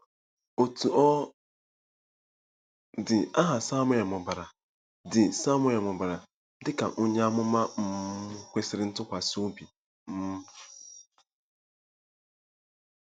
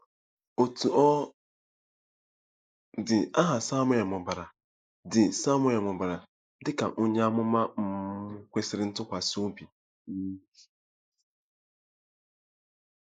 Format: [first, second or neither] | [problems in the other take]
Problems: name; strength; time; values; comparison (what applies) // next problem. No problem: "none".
first | noise reduction (neural mask model Resemble Enhance denoiser)